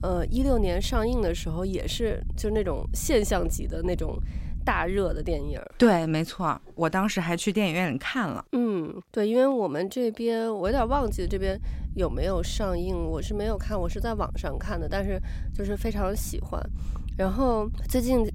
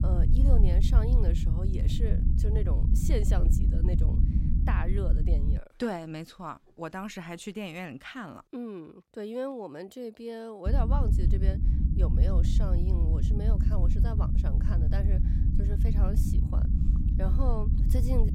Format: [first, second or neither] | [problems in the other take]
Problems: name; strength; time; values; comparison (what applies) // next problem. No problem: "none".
first | low rumble; loud; until 5.5 s and from 11 s on; 3 dB below the speech; faint in the first